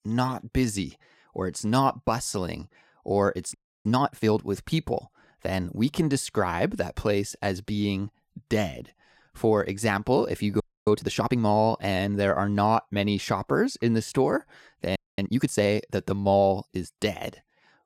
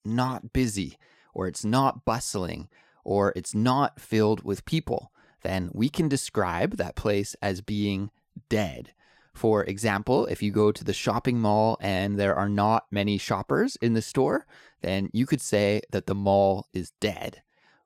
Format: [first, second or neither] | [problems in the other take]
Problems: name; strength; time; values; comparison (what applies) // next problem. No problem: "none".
second | audio freezing; at 3.5 s, at 11 s and at 15 s